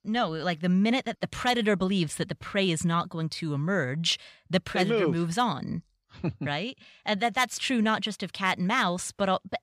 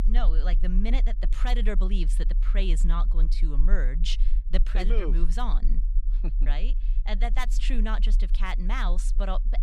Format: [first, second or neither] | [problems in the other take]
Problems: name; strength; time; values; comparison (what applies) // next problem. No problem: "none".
first | low rumble; noticeable; throughout; 15 dB below the speech